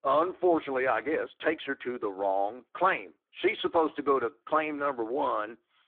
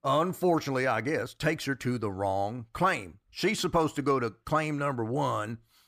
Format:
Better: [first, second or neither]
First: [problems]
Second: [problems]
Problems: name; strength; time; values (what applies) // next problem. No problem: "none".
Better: second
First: phone-call audio; poor line; nothing above 3.5 kHz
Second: none